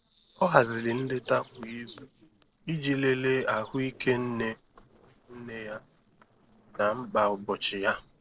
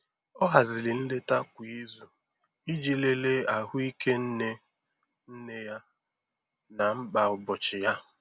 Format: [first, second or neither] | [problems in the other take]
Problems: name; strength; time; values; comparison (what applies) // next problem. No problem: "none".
second | noise reduction (neural separator model SepFormer DNS4)